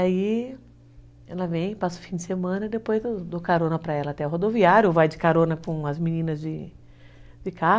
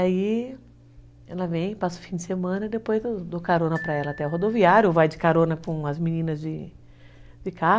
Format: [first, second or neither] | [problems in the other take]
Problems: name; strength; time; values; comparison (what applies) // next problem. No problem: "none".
first | background sound (Glockenspiel); 18 dB below the speech